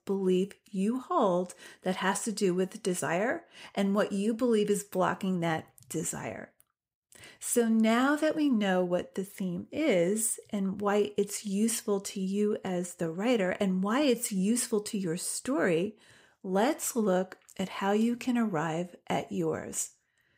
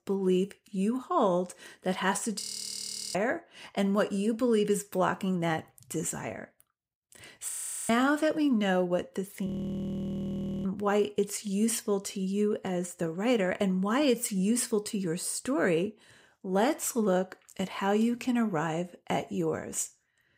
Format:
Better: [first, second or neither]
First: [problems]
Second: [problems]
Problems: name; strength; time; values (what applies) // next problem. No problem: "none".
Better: first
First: none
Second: audio freezing; at 2.5 s for 0.5 s, at 7.5 s and at 9.5 s for 1 s